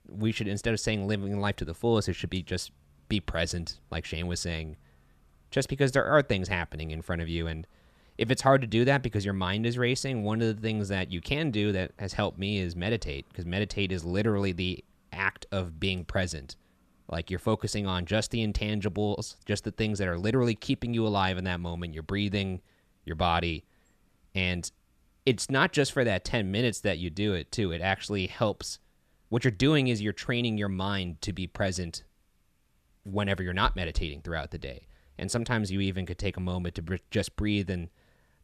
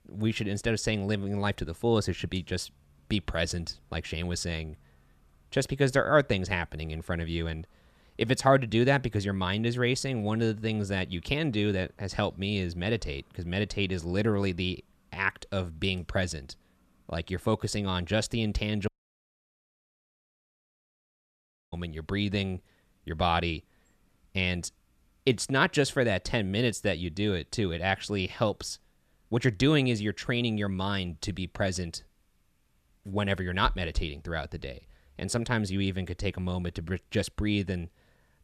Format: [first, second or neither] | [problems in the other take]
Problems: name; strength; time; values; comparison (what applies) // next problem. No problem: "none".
first | audio cutting out; at 19 s for 3 s